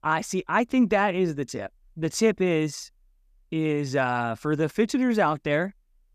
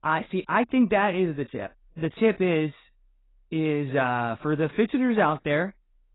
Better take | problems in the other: first | garbled, watery; badly; nothing above 4 kHz

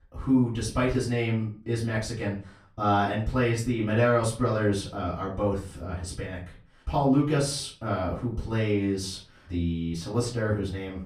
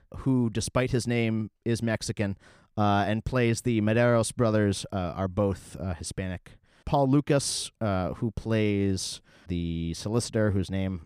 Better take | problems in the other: second | off-mic speech; far // room echo; slight; dies away in 0.3 s

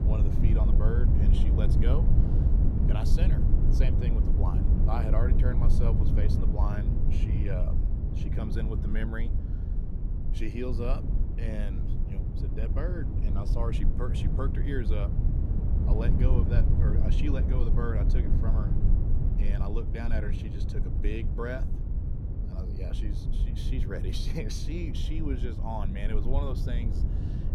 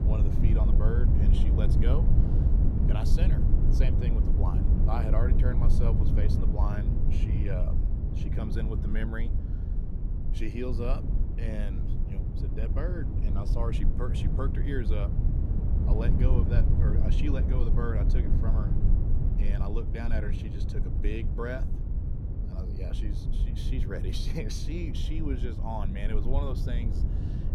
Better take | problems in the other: neither | low rumble; loud; throughout; 2 dB below the speech; the same in both

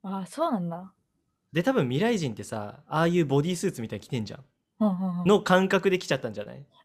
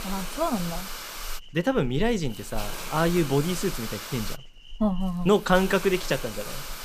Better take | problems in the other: first | hiss; noticeable; throughout; 10 dB below the speech

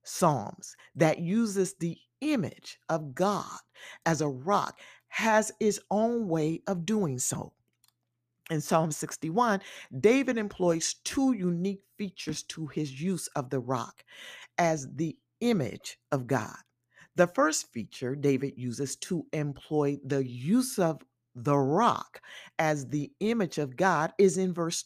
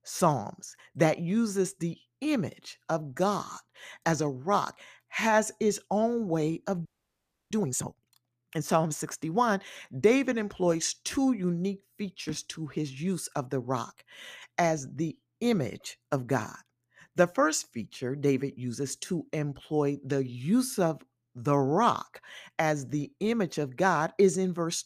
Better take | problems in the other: first | audio freezing; at 7 s for 0.5 s

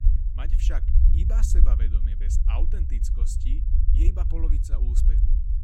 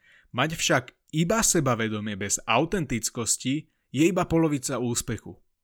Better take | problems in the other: second | low rumble; loud; throughout; 2 dB below the speech

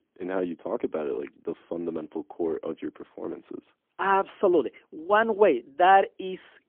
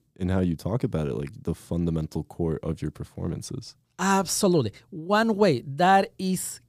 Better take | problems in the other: second | phone-call audio; poor line; nothing above 3 kHz

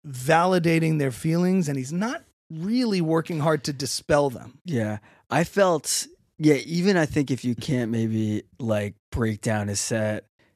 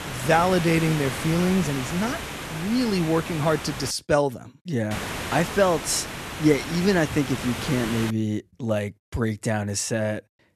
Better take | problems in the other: first | hiss; loud; until 4 s and from 5 to 8 s; 7 dB below the speech

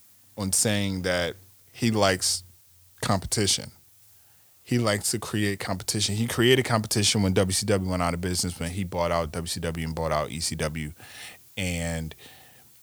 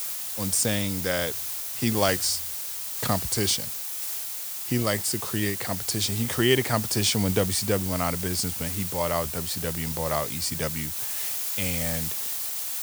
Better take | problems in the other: first | hiss; loud; throughout; 2 dB below the speech; faint in the first

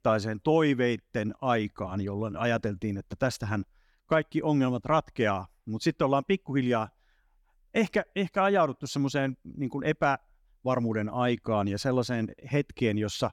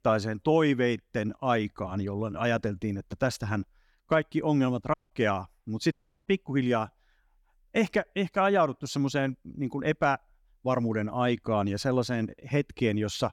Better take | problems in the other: first | audio cutting out; at 5 s and at 6 s

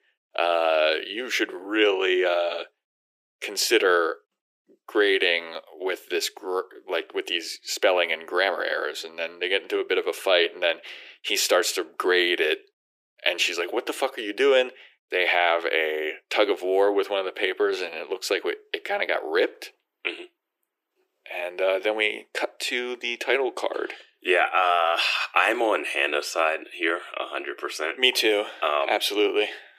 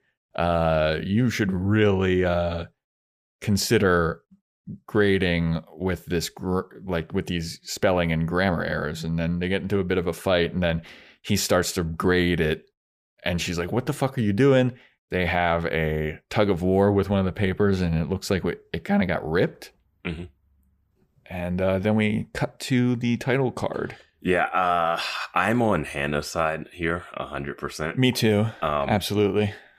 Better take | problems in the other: second | thin; very; fading below 300 Hz

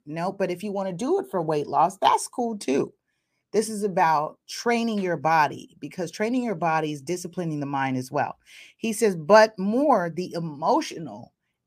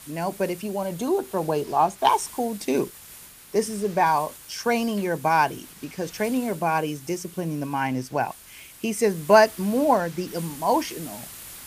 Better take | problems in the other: first | hiss; noticeable; throughout; 15 dB below the speech

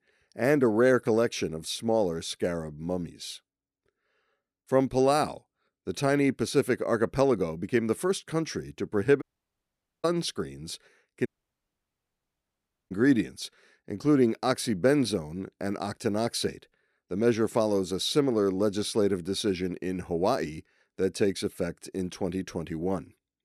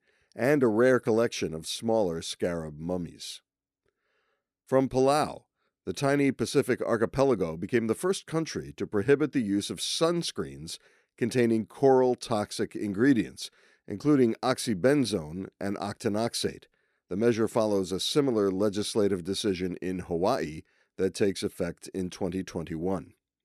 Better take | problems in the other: second | audio cutting out; at 9 s for 1 s and at 11 s for 1.5 s

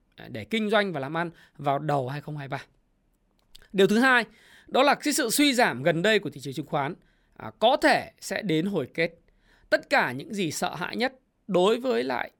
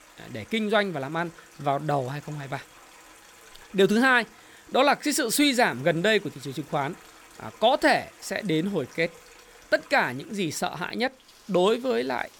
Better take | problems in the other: first | rain or running water; faint; throughout; 25 dB below the speech

